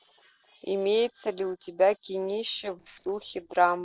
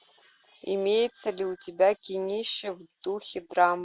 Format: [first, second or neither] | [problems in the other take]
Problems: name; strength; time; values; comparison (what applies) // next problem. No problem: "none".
second | noise reduction (neural separator model SepFormer DNS4)